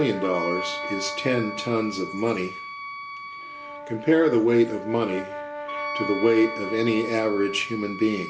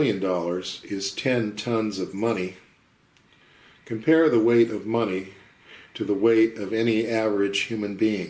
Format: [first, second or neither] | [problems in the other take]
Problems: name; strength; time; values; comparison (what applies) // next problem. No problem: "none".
second | background sound (Wind instrument, woodwind instrument + Brass instrument); 9 dB below the speech